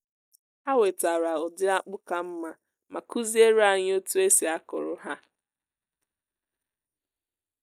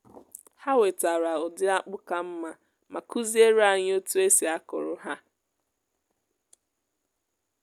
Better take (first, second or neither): second